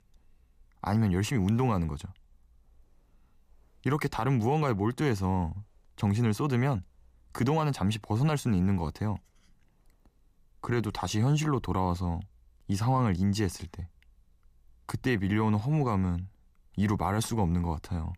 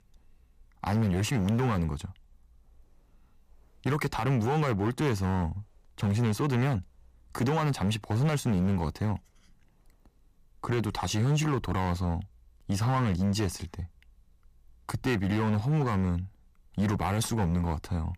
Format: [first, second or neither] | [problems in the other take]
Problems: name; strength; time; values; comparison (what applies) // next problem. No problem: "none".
first | distortion; slight; 9% of the sound clipped